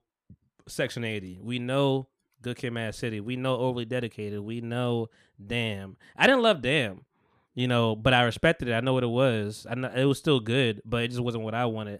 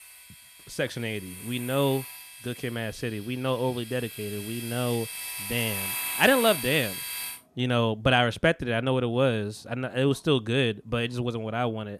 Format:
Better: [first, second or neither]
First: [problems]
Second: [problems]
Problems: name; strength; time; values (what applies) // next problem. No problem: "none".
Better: first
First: none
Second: household noises; loud; throughout; 7 dB below the speech